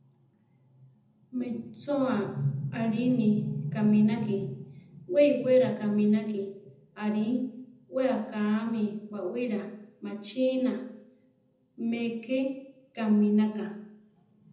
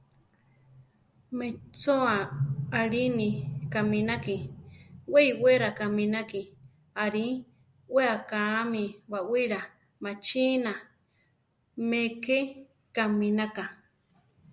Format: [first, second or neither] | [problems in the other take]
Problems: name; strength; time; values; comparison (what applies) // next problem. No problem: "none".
second | room echo; dies away in 0.8 s